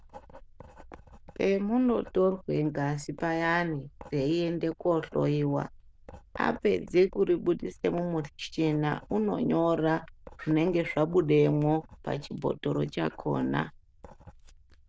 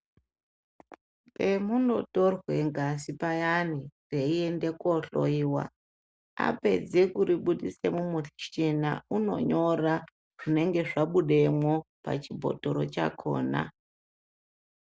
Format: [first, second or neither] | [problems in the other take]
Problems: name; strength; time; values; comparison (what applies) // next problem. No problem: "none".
second | noise reduction (neural diffusion model UNIVERSE++)